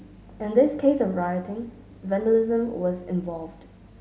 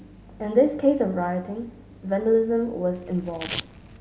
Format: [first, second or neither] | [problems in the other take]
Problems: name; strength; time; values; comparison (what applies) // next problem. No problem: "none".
first | background sound (Domestic sounds, home sounds); 12 dB below the speech